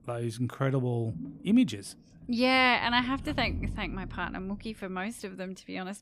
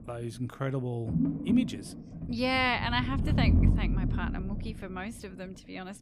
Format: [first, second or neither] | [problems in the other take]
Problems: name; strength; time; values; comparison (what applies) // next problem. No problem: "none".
first | low rumble; loud; throughout; 7 dB below the speech; faint in the first